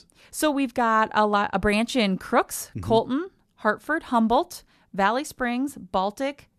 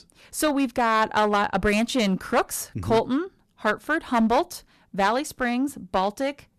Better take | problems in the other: first | distortion; slight; 5% of the sound clipped

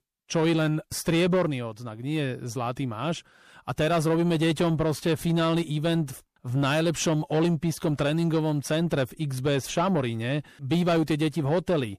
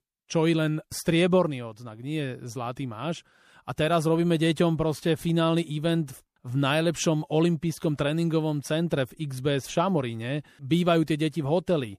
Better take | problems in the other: second | distortion; slight; 10 dB below the speech

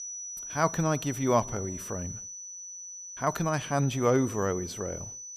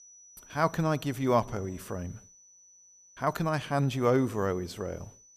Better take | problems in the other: second | high-pitched whine; loud; throughout; 6 kHz, 9 dB below the speech; faint in the second

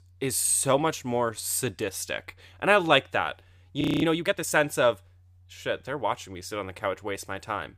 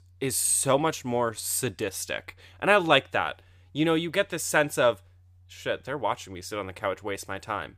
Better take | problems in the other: second | audio freezing; at 4 s

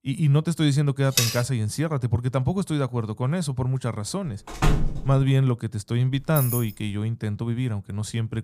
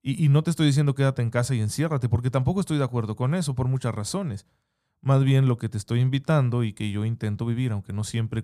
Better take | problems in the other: second | clattering dishes; loud; at 1 s; peak 2 dB above the speech // door banging; loud; at 4.5 s; peak 1 dB above the speech // jangling keys; noticeable; at 6 s; peak 3 dB below the speech

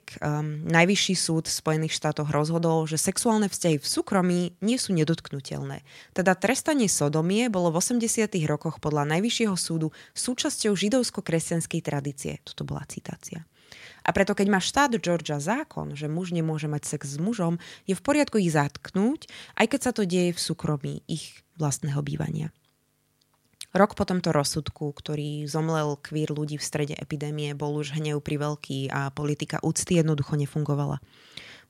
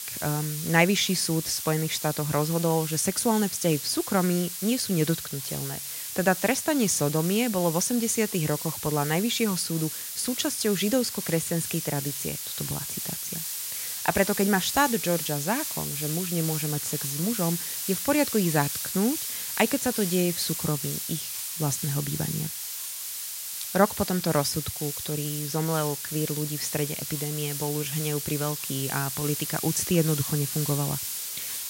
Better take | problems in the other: first | hiss; loud; throughout; 4 dB below the speech

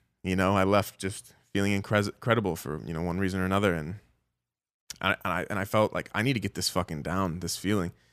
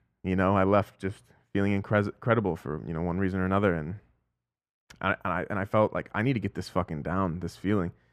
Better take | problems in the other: first | muffled; very; fading above 3 kHz

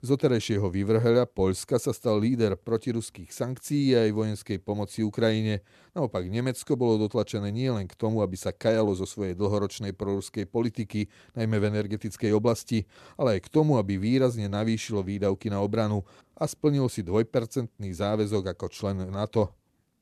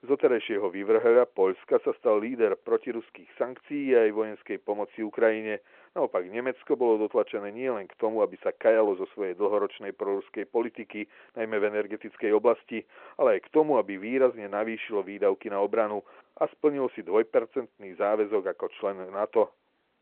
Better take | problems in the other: first | phone-call audio

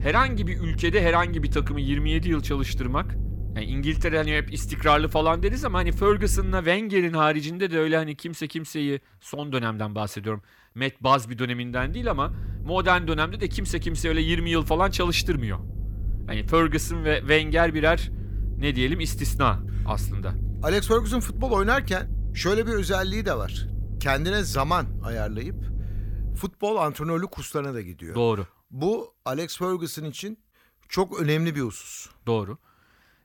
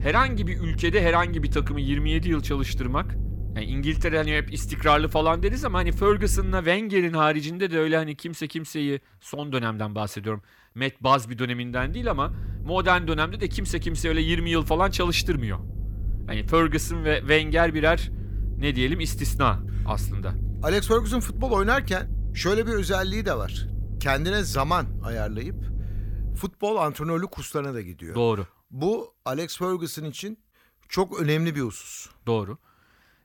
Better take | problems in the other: neither | low rumble; faint; until 6.5 s and from 12 to 26 s; 20 dB below the speech; the same in both

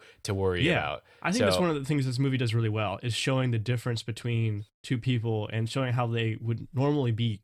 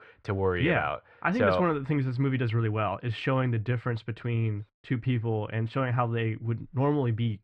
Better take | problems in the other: first | muffled; very; fading above 2 kHz

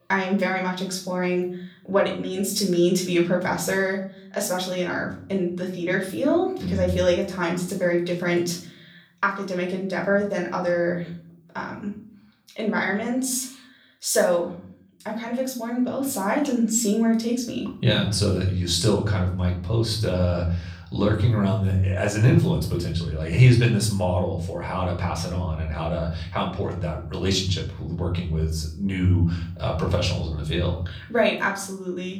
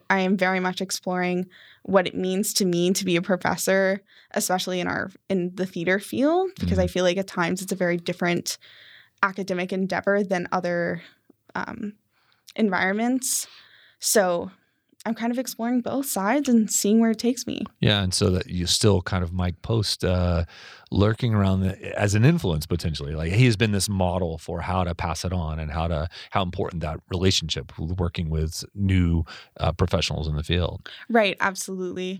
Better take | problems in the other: second | room echo; slight; dies away in 0.6 s // off-mic speech; far

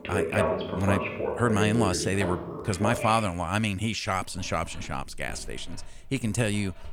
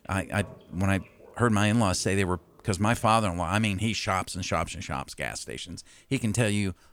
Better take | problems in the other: second | household noises; loud; throughout; 2 dB below the speech; faint in the second

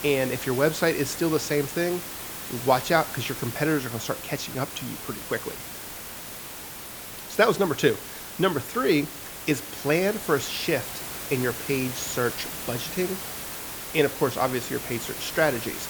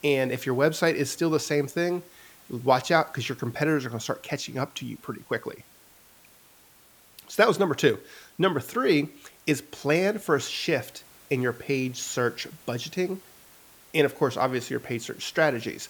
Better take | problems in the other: second | hiss; loud; throughout; 8 dB below the speech; faint in the second

